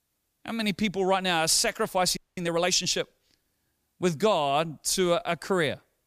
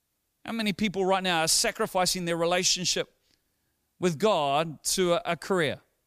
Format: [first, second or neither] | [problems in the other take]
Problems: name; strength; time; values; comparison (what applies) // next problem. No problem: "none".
second | audio freezing; at 2 s